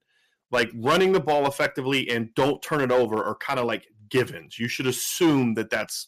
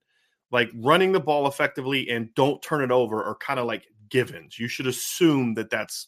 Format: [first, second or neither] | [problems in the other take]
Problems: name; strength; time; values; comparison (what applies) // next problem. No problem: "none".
second | distortion; slight; 5% of the sound clipped